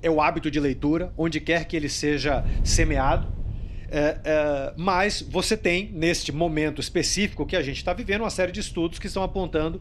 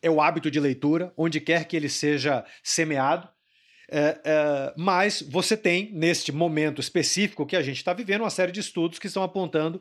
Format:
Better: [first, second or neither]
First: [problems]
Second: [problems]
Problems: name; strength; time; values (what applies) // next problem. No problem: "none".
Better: second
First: wind noise on the microphone; occasional gusts; 25 dB below the speech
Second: none